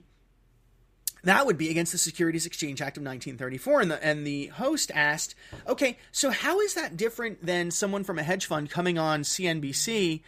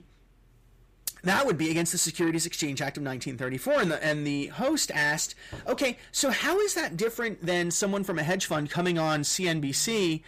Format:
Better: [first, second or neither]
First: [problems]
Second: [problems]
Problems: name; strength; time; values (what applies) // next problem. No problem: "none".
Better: first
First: none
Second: distortion; slight; 10 dB below the speech